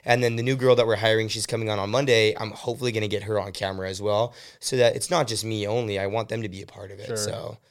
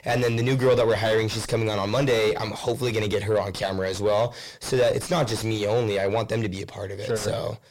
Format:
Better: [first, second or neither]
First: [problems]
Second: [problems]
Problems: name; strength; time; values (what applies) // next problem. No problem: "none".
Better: first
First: none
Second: distortion; heavy; 4 dB below the speech